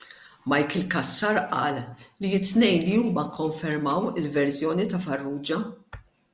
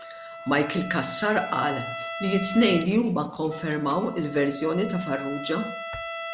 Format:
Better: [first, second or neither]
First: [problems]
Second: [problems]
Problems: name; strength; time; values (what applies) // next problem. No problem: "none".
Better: first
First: none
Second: background sound (Trumpet); 10 dB below the speech